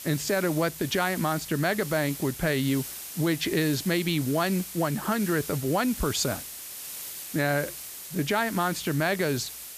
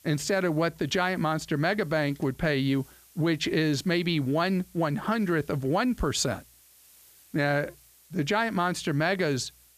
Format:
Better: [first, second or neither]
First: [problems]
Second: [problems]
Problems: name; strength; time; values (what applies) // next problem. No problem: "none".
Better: second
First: hiss; loud; throughout; 10 dB below the speech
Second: hiss; faint; throughout; 25 dB below the speech